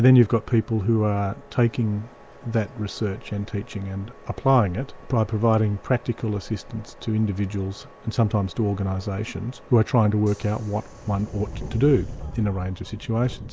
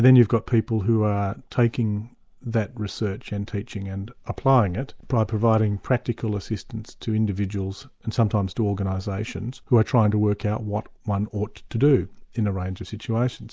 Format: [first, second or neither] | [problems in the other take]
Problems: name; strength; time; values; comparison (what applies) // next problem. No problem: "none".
second | background sound (Subway, metro, underground); 18 dB below the speech